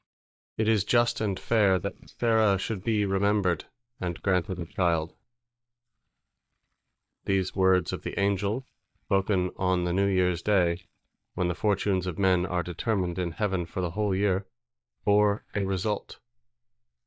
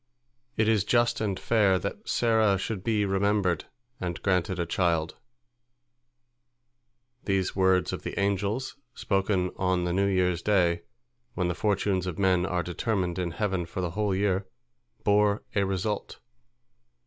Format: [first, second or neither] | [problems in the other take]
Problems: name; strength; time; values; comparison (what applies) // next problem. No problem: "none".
second | noise reduction (neural mask model DeepFilterNet 3)